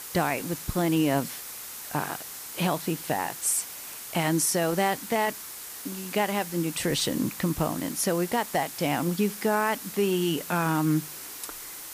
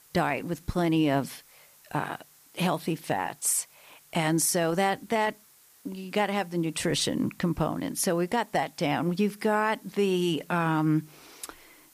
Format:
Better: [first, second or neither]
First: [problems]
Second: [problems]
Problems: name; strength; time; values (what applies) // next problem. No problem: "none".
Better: second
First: hiss; loud; throughout; 10 dB below the speech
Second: hiss; faint; throughout; 25 dB below the speech